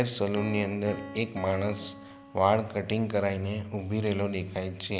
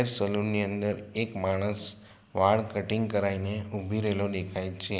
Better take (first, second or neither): second